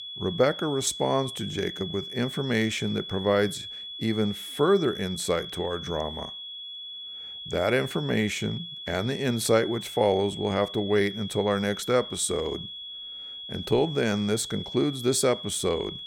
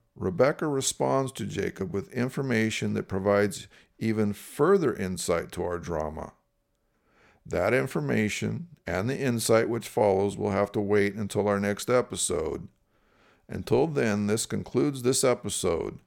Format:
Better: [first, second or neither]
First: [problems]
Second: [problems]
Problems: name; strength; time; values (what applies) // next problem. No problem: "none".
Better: second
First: high-pitched whine; loud; throughout; 3.5 kHz, 9 dB below the speech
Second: none